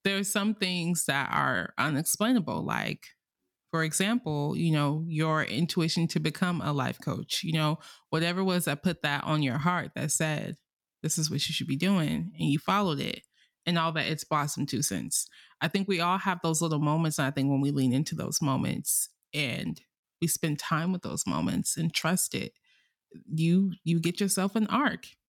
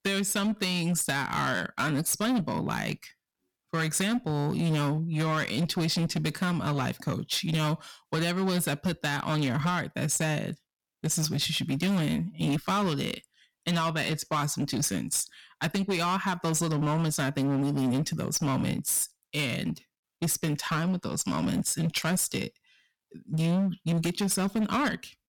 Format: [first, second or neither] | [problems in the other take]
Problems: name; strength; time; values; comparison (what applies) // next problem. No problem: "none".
first | distortion; slight; 15% of the sound clipped